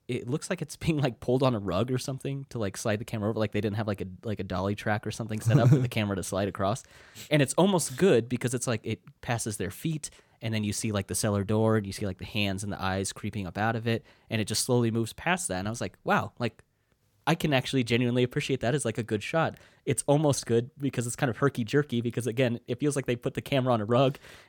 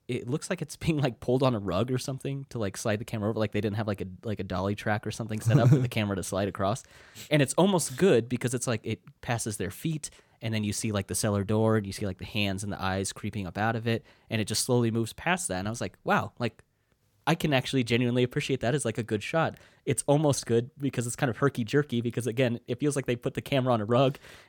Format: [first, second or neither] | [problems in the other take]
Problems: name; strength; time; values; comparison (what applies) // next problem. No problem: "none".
neither | none